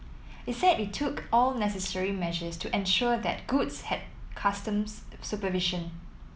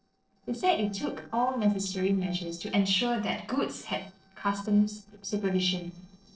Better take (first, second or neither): first